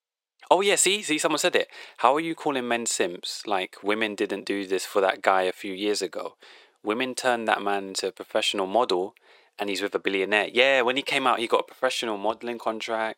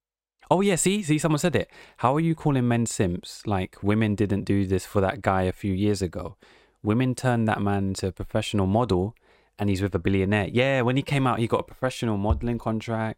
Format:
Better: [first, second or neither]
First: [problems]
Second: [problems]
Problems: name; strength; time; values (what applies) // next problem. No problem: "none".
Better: second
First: thin; very; fading below 400 Hz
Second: none